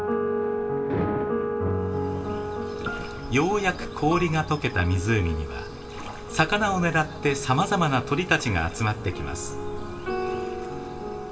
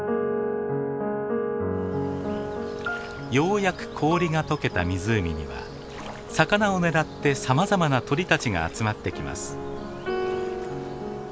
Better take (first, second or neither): second